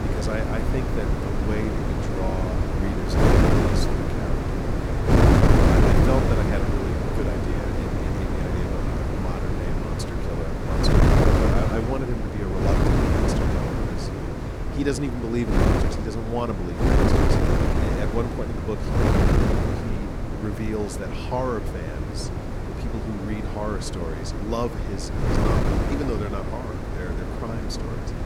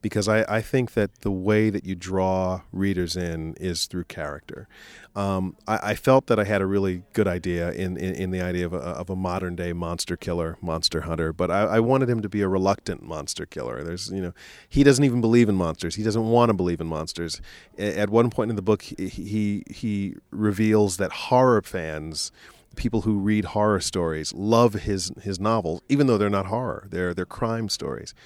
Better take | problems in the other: second | wind noise on the microphone; heavy; 5 dB above the speech

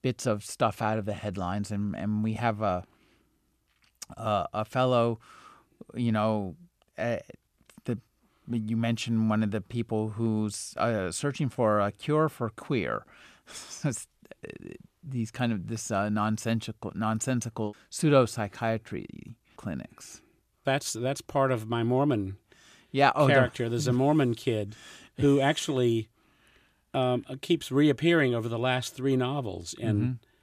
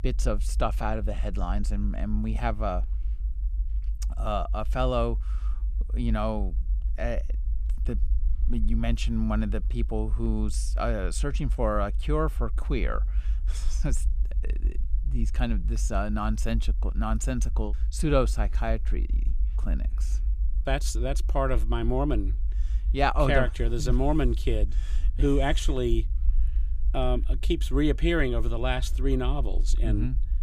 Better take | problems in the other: first | low rumble; faint; throughout; 20 dB below the speech

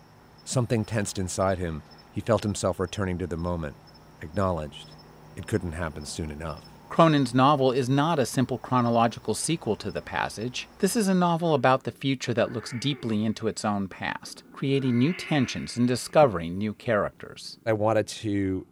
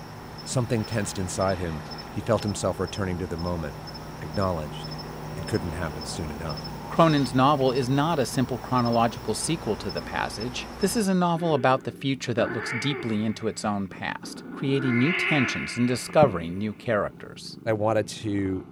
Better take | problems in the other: first | animal sounds; loud; throughout; 8 dB below the speech; faint in the first

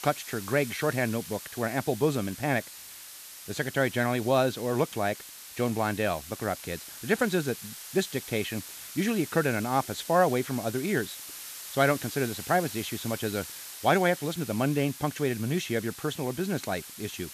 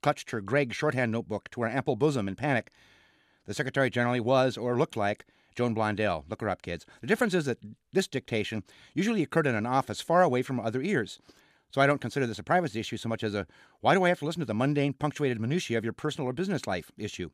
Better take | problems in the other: second | hiss; noticeable; throughout; 10 dB below the speech

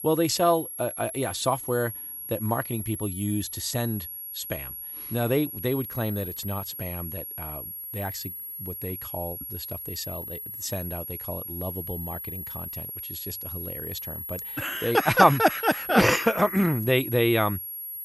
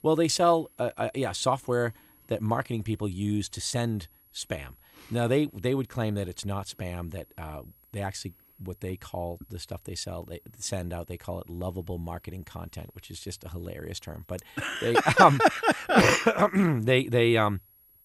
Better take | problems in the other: second | high-pitched whine; loud; throughout; 11.5 kHz, 8 dB below the speech; faint in the second

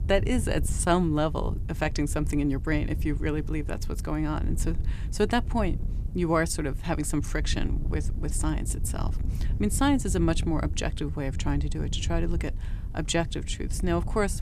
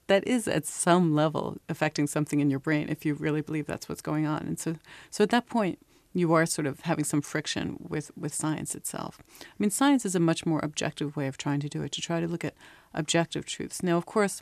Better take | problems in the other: second | wind noise on the microphone; occasional gusts; 15 dB below the speech

